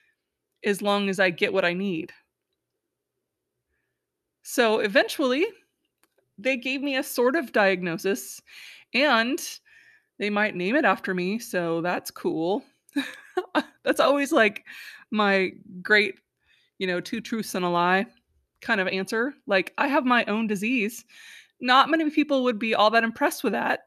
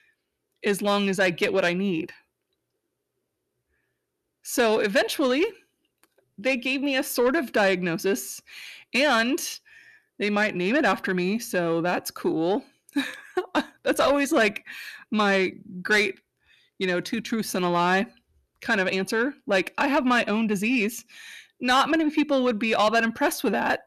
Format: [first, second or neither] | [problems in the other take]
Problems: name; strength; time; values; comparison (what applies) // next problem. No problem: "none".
first | distortion; slight; 10 dB below the speech